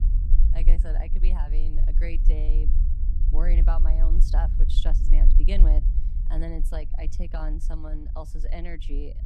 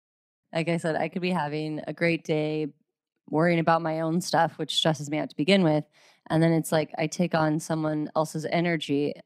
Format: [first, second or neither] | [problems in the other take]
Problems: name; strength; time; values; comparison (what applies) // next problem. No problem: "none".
second | low rumble; loud; throughout; 8 dB below the speech